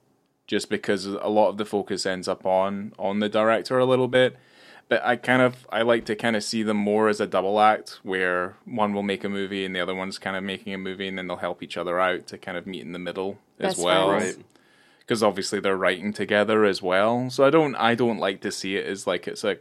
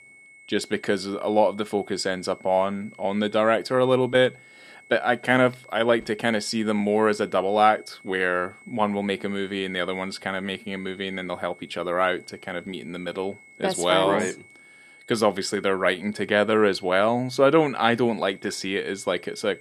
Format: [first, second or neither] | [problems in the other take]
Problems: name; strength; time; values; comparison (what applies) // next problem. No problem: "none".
first | high-pitched whine; faint; throughout; 2 kHz, 25 dB below the speech